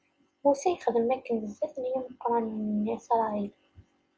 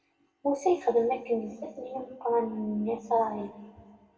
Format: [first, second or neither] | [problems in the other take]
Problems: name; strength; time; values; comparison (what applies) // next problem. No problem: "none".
first | room echo; dies away in 1.2 s